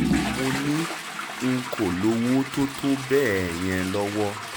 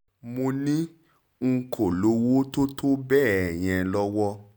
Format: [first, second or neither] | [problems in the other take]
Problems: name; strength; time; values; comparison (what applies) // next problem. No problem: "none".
second | background sound (Toilet flush / Water); 5 dB below the speech